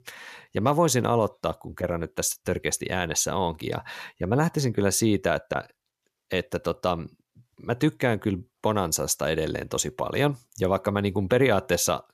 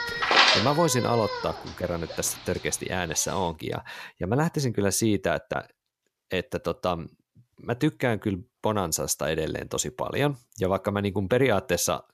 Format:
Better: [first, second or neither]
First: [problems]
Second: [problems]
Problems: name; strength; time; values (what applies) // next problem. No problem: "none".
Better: first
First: none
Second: animal sounds; very loud; until 3.5 s; 4 dB above the speech